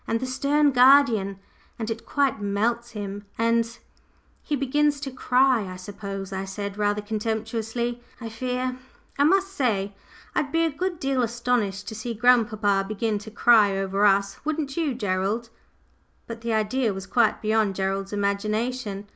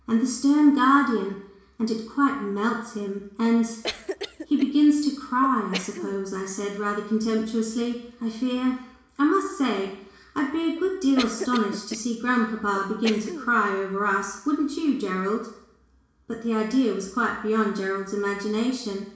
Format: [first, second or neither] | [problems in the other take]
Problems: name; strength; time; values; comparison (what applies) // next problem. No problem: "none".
first | background sound (Cough); 13 dB below the speech // room echo; dies away in 0.7 s